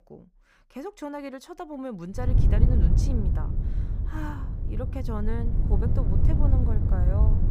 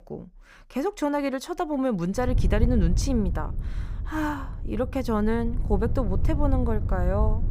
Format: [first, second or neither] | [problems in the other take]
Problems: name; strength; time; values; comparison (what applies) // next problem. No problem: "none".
second | wind noise on the microphone; heavy; from 2 s on; 2 dB below the speech; occasional gusts in the second